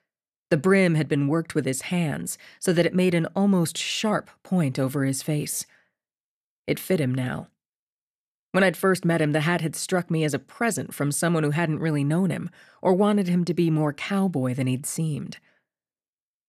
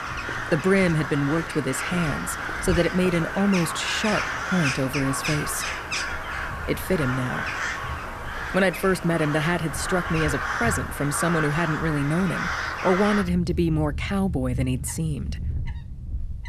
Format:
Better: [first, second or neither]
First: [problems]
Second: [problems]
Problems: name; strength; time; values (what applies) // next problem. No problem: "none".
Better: first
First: none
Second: animal sounds; loud; throughout; 4 dB below the speech